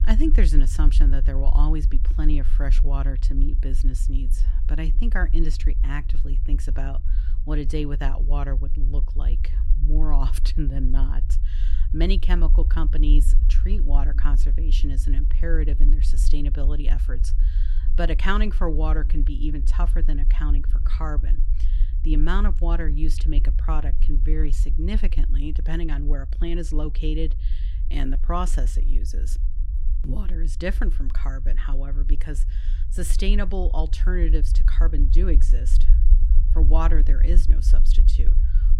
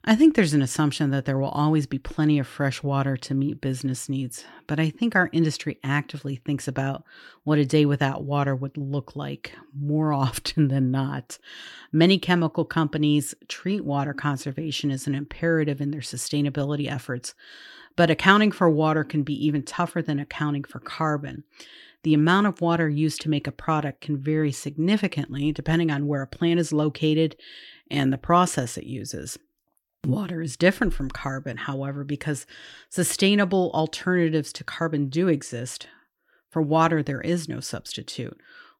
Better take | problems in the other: second | low rumble; noticeable; throughout; 15 dB below the speech

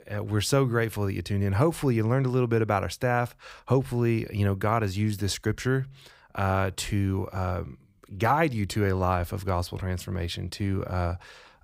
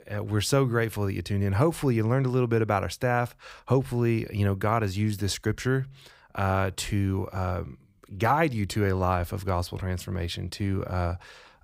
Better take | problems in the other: neither | none

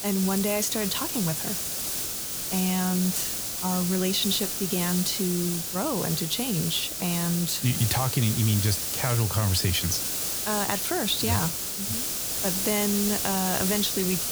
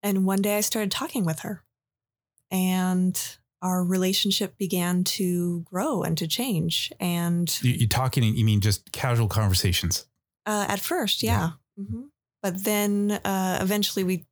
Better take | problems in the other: second | hiss; loud; throughout; 1 dB below the speech

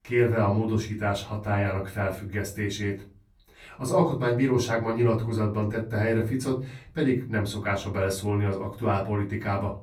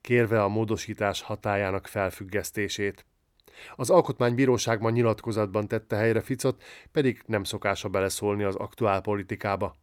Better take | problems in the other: second | off-mic speech; far // room echo; very slight; dies away in 0.4 s

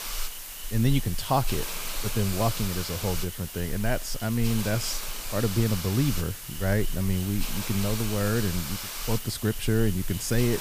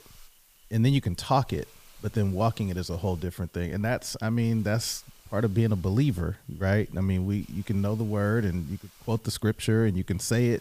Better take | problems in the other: second | hiss; loud; throughout; 5 dB below the speech; faint in the second

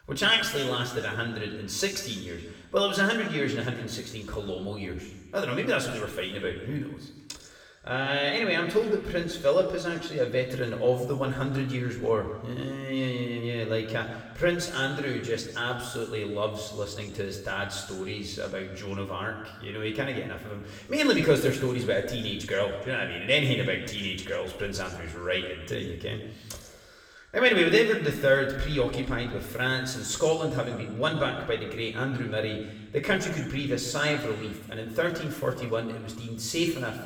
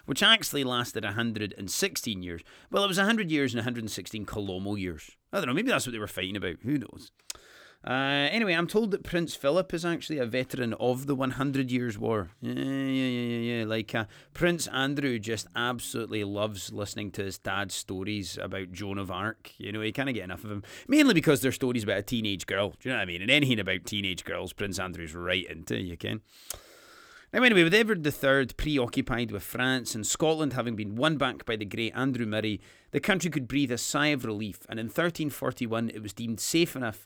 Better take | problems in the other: second | room echo; noticeable; dies away in 1.2 s // off-mic speech; somewhat distant

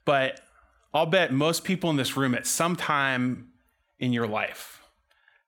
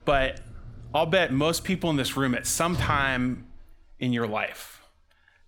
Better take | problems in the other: first | door banging; noticeable; until 3.5 s; peak 6 dB below the speech

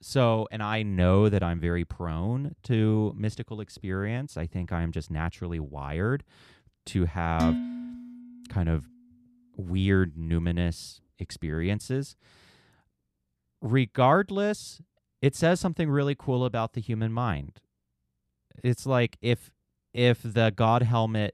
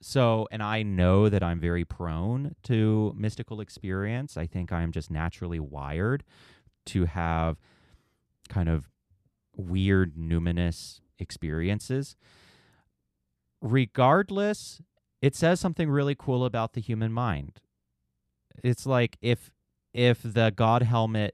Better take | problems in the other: second | clattering dishes; noticeable; at 7.5 s; peak 1 dB below the speech

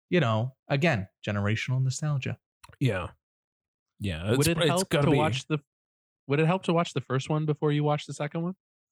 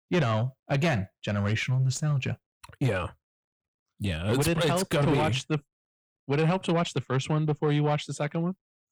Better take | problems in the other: first | distortion; slight; 10 dB below the speech

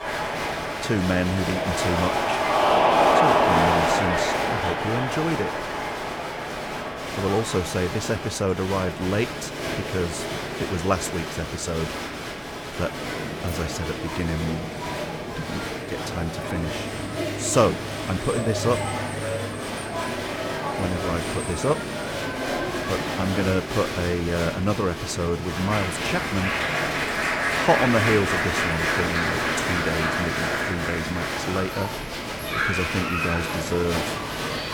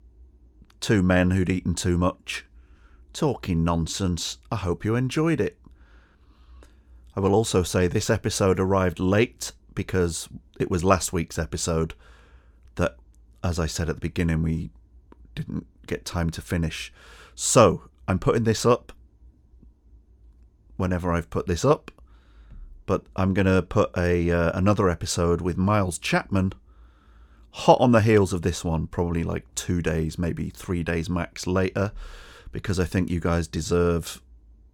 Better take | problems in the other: second | crowd noise; very loud; throughout; 1 dB above the speech

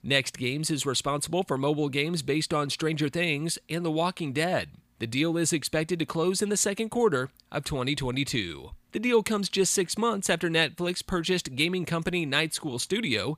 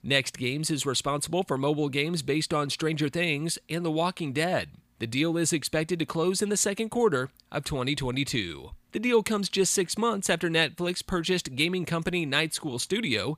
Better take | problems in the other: neither | none

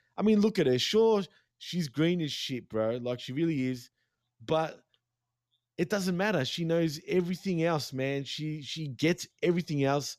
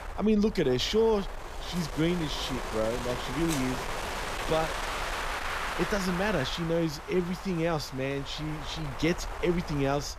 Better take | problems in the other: first | wind noise on the microphone; heavy; 3 dB below the speech

